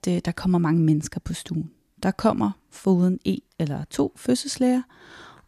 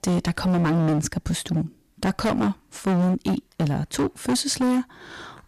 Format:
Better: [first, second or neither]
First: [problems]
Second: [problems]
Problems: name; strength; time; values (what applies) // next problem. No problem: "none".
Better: first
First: none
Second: distortion; heavy; 19% of the sound clipped